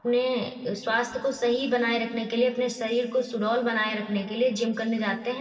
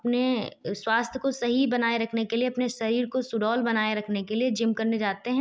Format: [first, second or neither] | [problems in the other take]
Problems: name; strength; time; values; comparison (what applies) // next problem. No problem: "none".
second | room echo; dies away in 2.5 s